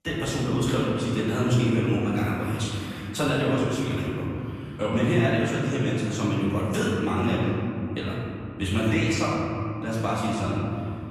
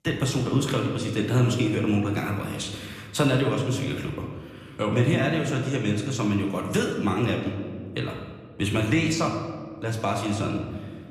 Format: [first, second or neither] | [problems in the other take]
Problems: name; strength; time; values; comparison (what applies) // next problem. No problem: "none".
second | room echo; strong; dies away in 2.9 s; slight in the second // off-mic speech; far